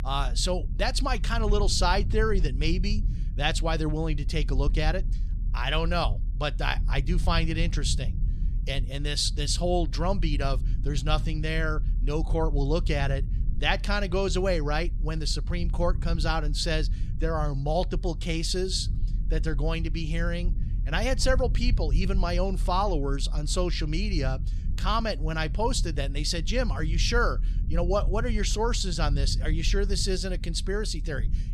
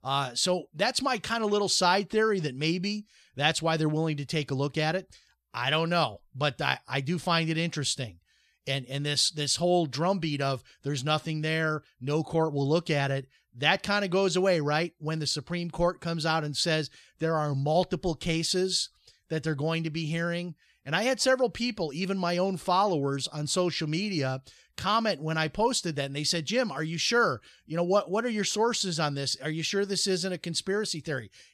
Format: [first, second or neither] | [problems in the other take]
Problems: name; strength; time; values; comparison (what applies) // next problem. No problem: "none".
second | low rumble; noticeable; throughout; 20 dB below the speech